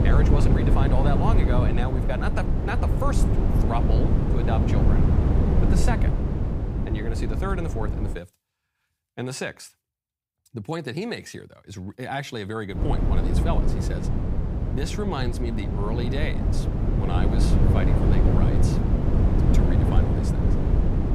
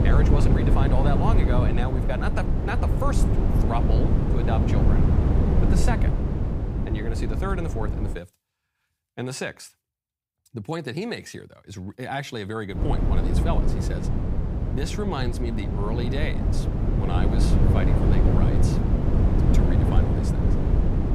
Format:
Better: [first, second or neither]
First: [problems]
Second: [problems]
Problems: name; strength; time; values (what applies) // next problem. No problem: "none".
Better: neither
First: wind noise on the microphone; heavy; until 8 s and from 13 s on; as loud as the speech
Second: wind noise on the microphone; heavy; until 8 s and from 13 s on; as loud as the speech